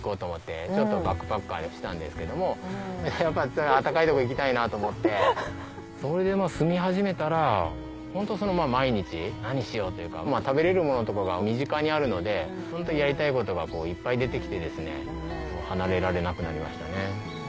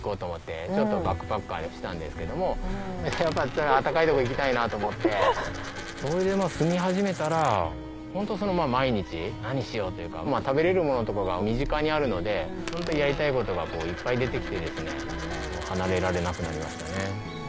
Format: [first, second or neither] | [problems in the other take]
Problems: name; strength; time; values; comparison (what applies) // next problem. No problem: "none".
first | background sound (Thunder / Rain + Coin (dropping)); 12 dB below the speech